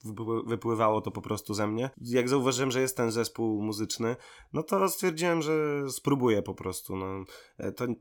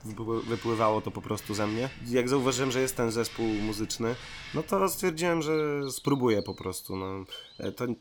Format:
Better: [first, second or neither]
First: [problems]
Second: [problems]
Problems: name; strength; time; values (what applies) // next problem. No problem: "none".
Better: first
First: none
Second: animal sounds; noticeable; throughout; 15 dB below the speech